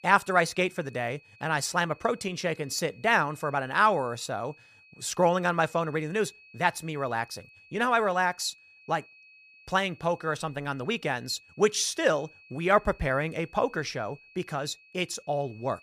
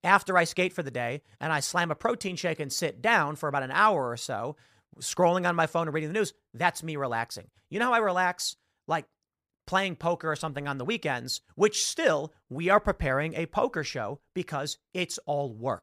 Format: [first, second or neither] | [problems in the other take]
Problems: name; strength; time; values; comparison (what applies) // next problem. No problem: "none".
second | high-pitched whine; faint; throughout; 2.5 kHz, 25 dB below the speech